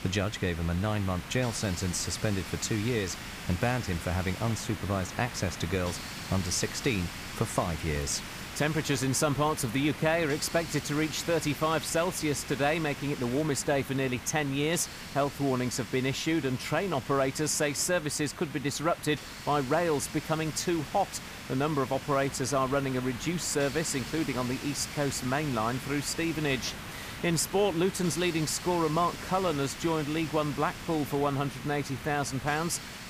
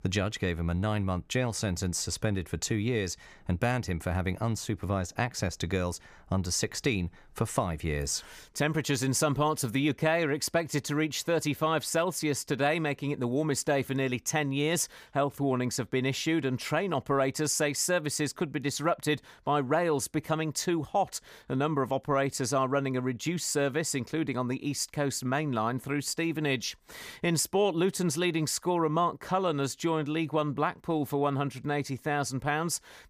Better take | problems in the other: second | hiss; noticeable; throughout; 10 dB below the speech

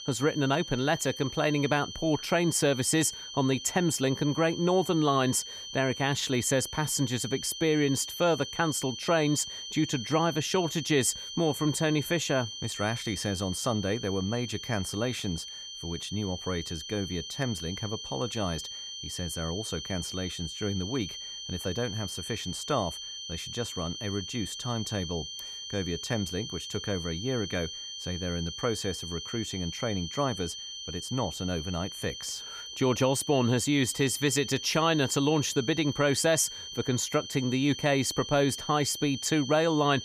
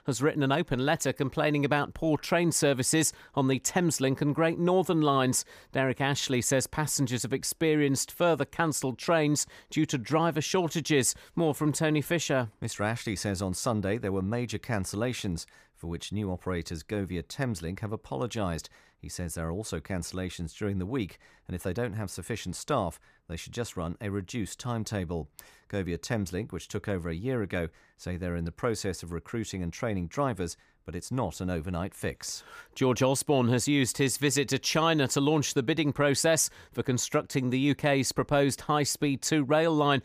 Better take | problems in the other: second | high-pitched whine; loud; throughout; 3 kHz, 8 dB below the speech

